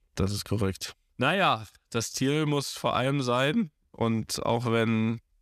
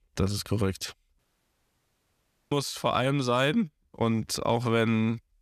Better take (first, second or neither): first